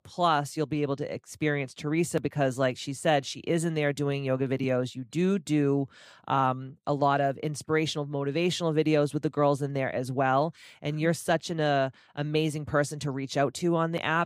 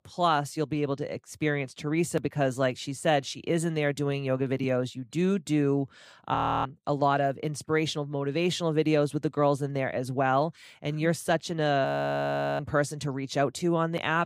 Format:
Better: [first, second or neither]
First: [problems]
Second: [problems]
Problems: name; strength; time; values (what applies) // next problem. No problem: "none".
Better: first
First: none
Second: audio freezing; at 6.5 s and at 12 s for 0.5 s